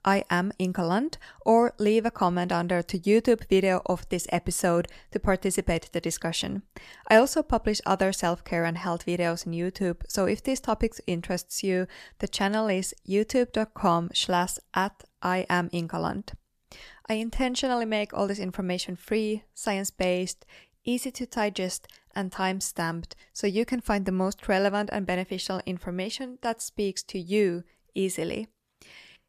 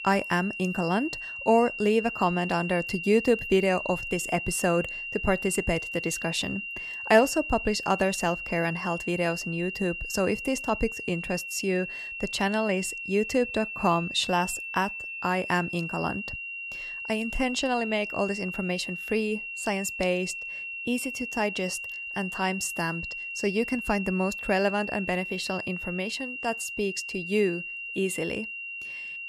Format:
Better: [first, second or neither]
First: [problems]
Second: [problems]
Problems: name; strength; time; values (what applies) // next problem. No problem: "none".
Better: first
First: none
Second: high-pitched whine; loud; throughout; 3 kHz, 6 dB below the speech